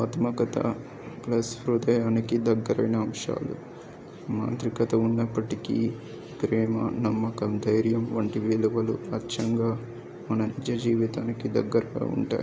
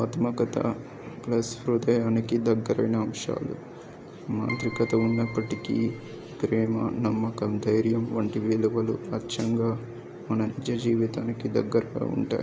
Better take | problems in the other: first | background sound (Keyboard (musical)); 14 dB below the speech

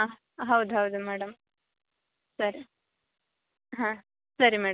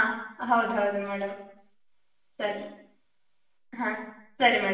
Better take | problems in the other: first | room echo; dies away in 0.6 s

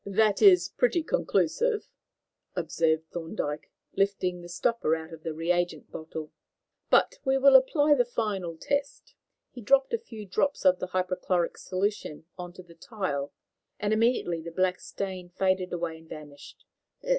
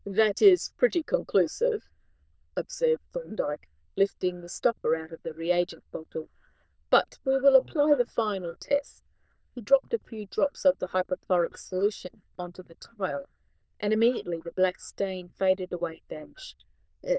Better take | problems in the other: first | noise reduction (neural diffusion model UNIVERSE++)

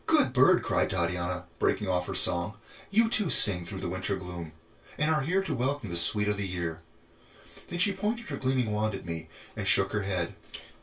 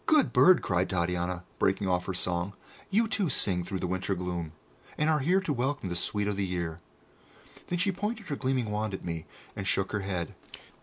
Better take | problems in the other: second | room echo; dies away in 0.2 s

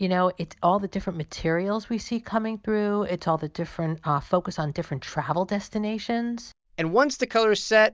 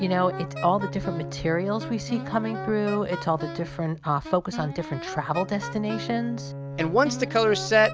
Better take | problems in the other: first | background sound (Bowed string instrument + Wind instrument, woodwind instrument); 9 dB below the speech

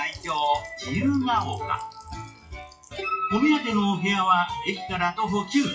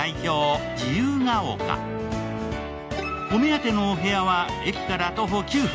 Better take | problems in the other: second | noise reduction (classical method WPE with log-MMSE)

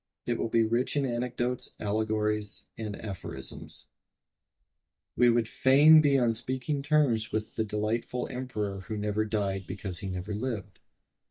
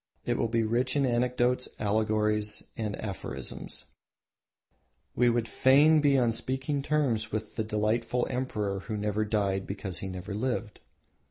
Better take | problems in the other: second | noise reduction (neural mask model DeepFilterNet 3)

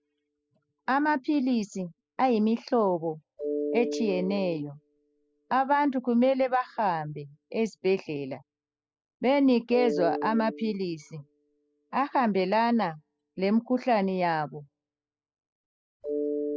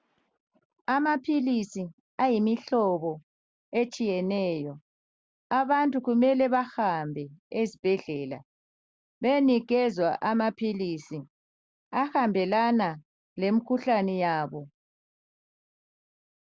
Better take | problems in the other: second | noise reduction (classical method spectral subtraction)

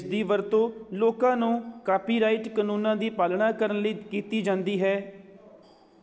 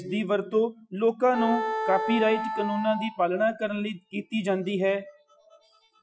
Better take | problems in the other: first | noise reduction (classical method Wiener filter)

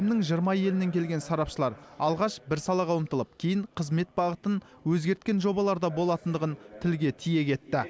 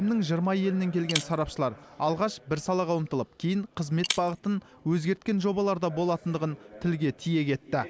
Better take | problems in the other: first | background sound (Shatter); 12 dB below the speech

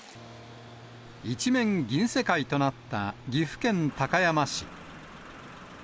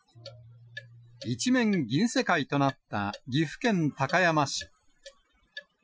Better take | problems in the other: first | noise reduction (classical method Wiener filter)

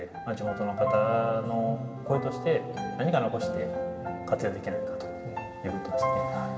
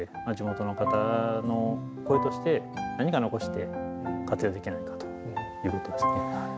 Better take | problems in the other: second | room echo; dies away in 2.3 s

